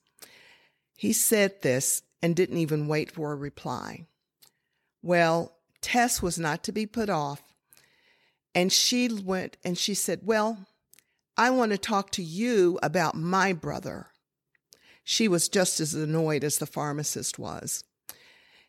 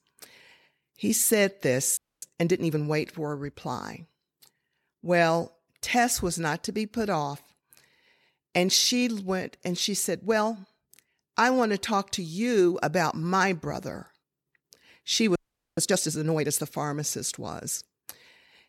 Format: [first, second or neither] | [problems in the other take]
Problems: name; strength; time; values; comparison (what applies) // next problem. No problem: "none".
first | audio freezing; at 2 s and at 15 s